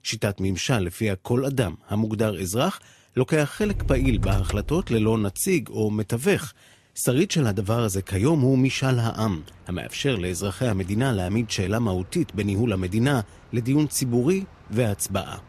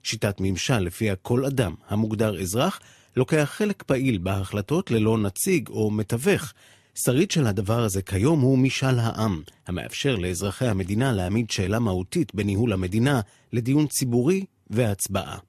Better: second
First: traffic noise; loud; from 3.5 s on; 10 dB below the speech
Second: none

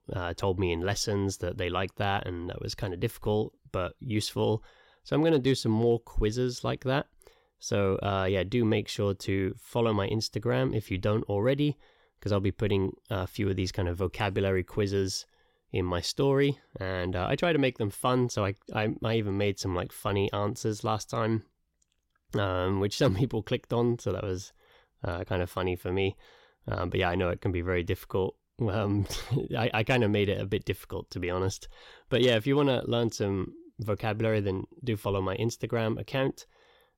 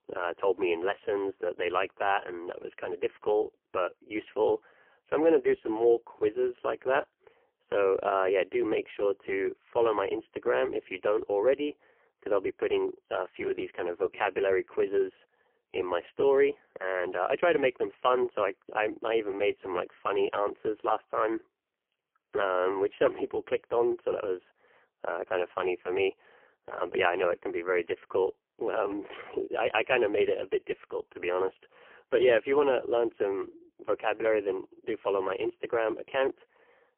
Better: first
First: none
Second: phone-call audio; poor line; nothing above 3 kHz

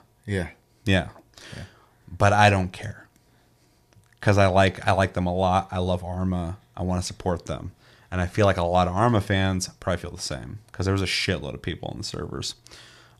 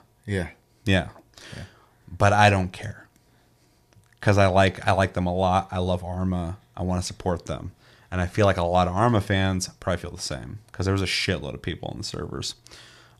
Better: neither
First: none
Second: none

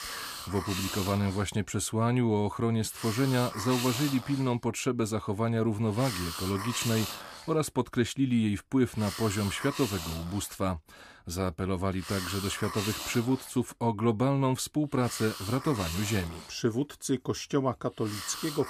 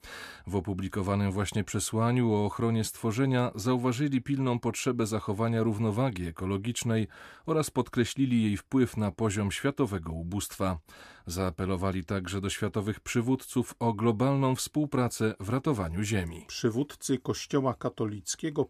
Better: second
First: hiss; loud; throughout; 7 dB below the speech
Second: none

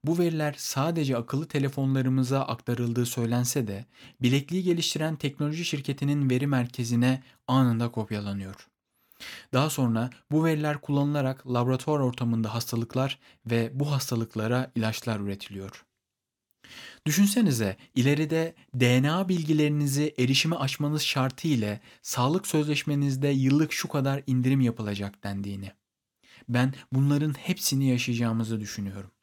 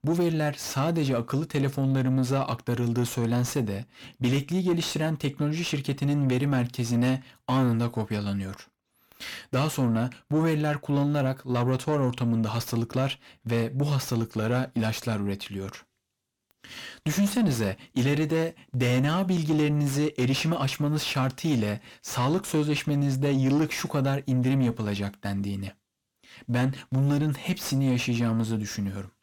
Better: first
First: none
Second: distortion; slight; 10 dB below the speech

